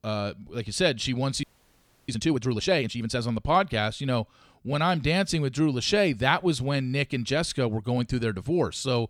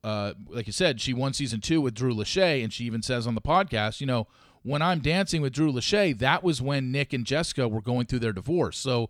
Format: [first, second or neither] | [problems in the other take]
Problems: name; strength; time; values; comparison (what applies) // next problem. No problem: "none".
second | audio freezing; at 1.5 s for 0.5 s